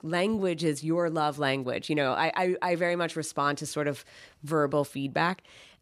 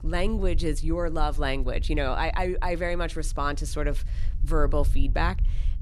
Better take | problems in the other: first | low rumble; faint; throughout; 25 dB below the speech

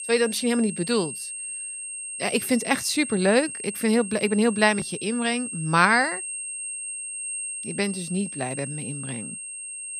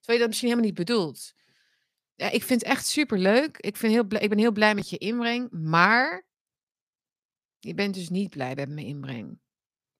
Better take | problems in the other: second | high-pitched whine; loud; throughout; 8.5 kHz, 8 dB below the speech

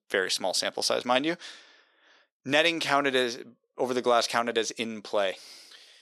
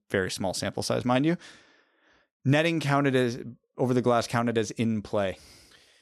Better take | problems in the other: second | thin; somewhat; fading below 400 Hz

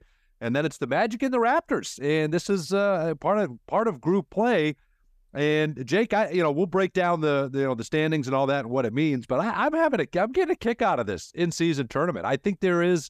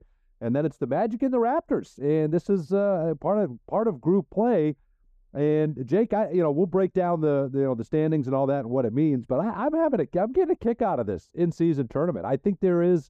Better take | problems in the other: first | muffled; very; fading above 1 kHz

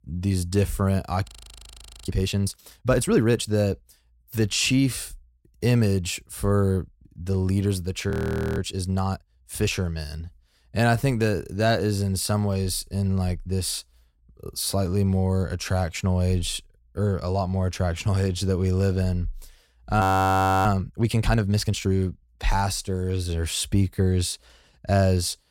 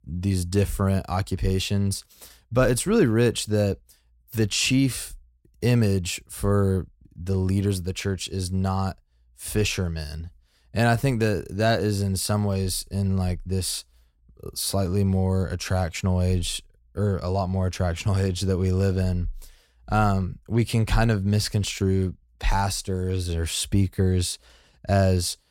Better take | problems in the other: second | audio freezing; at 1.5 s for 1 s, at 8 s and at 20 s for 0.5 s

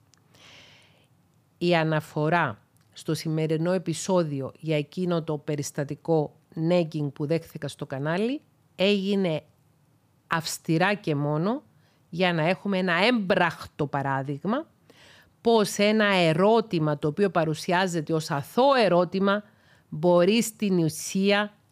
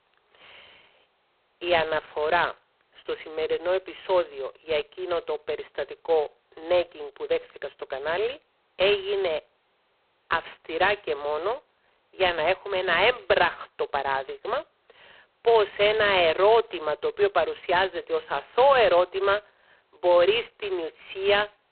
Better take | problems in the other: first | phone-call audio; poor line; nothing above 4 kHz

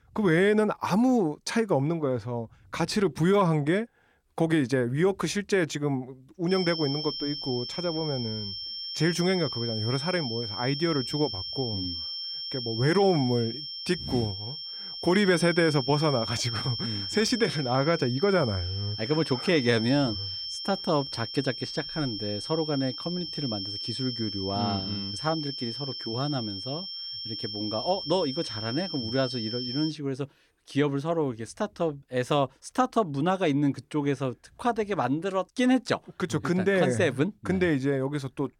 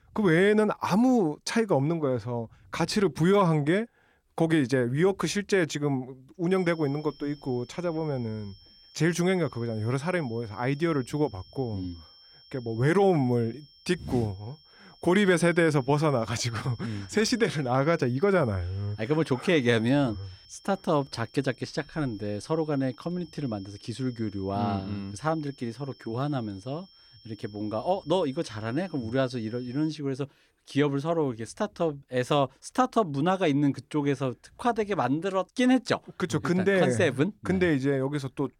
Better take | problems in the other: second | high-pitched whine; loud; from 6.5 to 30 s; 5.5 kHz, 6 dB below the speech; faint in the second

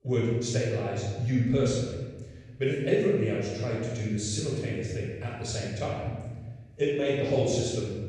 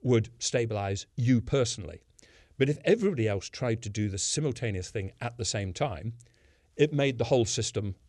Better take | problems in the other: second | off-mic speech; far // room echo; strong; dies away in 1.3 s

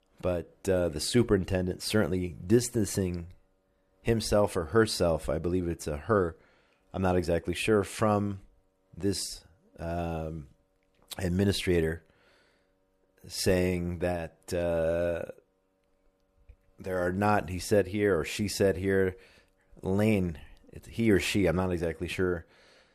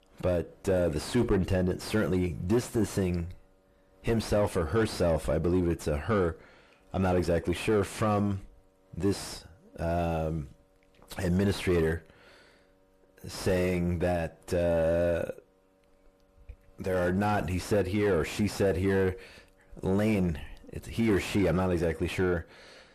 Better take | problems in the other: first | distortion; heavy; 7 dB below the speech

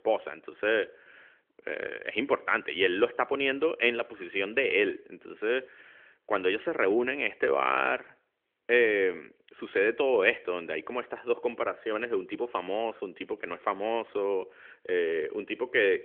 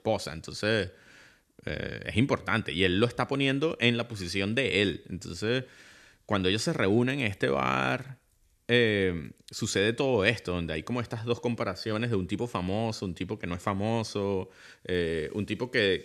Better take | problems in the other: second | phone-call audio; nothing above 3.5 kHz

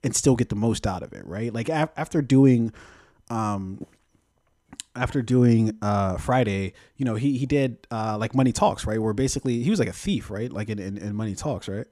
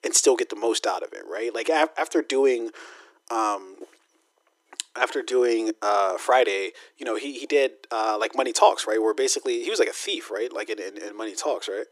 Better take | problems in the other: first | thin; very; fading below 350 Hz

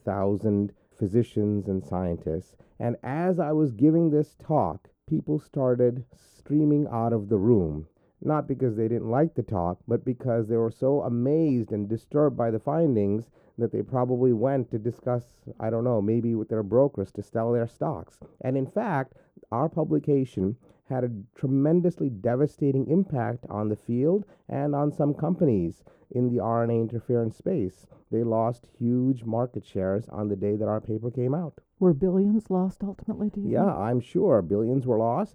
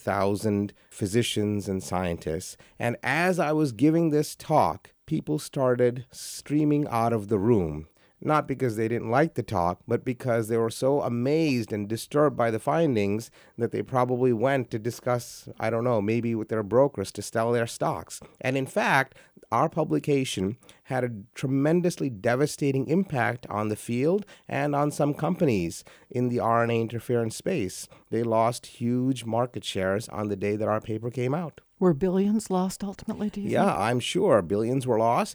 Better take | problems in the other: second | muffled; very; fading above 1 kHz

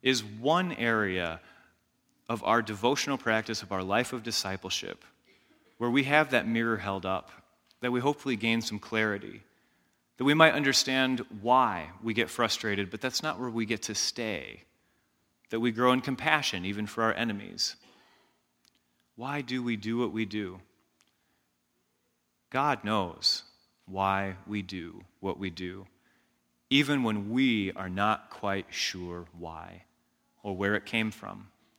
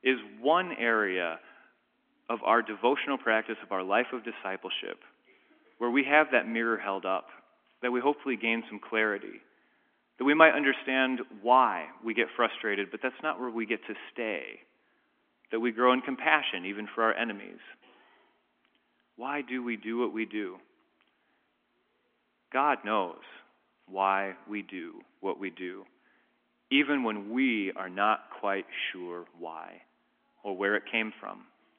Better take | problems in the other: first | phone-call audio; nothing above 3.5 kHz

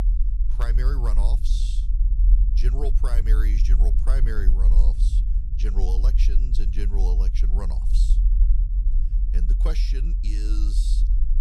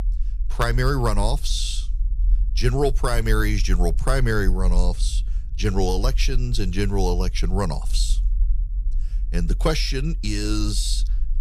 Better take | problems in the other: second | low rumble; loud; throughout; 7 dB below the speech; faint in the second

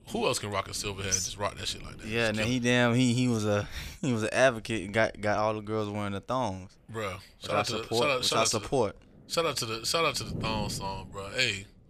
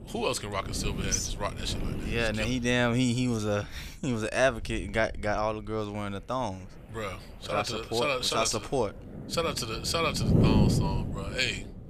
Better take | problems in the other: first | wind noise on the microphone; heavy; 9 dB below the speech; occasional gusts in the first

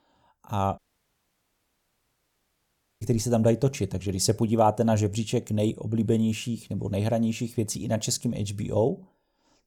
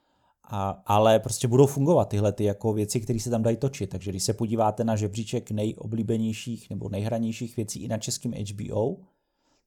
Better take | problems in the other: second | audio cutting out; at 1 s for 2 s

